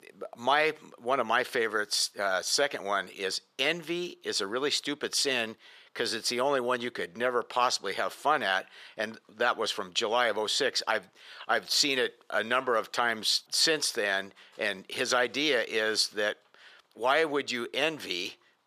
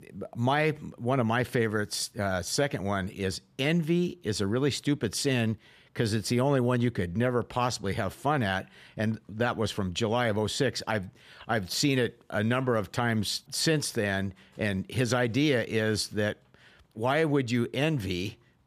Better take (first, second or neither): second